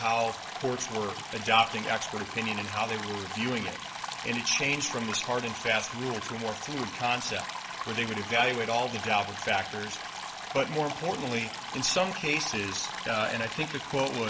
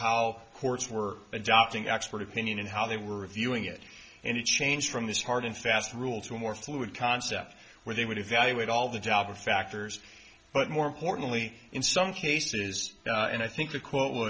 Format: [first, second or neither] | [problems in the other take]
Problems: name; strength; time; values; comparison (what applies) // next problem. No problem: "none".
second | background sound (Stream); 7 dB below the speech